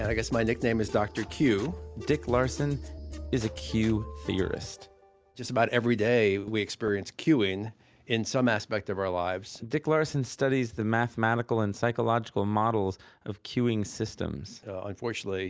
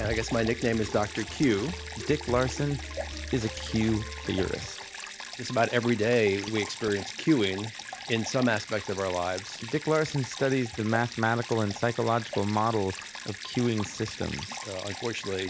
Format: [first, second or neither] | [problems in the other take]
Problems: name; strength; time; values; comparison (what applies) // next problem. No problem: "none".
first | background sound (Stream); 12 dB below the speech